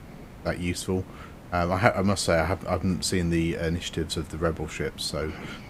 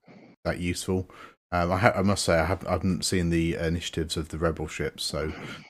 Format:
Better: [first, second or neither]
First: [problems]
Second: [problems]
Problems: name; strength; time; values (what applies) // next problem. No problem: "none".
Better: second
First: hiss; noticeable; throughout; 20 dB below the speech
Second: none